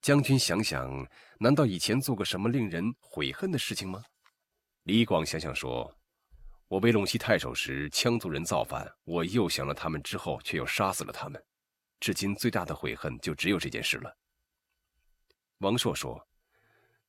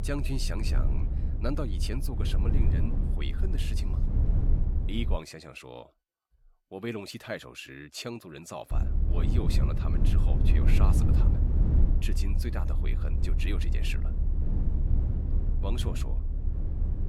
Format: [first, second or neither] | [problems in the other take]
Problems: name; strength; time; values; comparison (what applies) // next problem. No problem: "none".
first | low rumble; loud; until 5 s and from 8.5 s on; 4 dB below the speech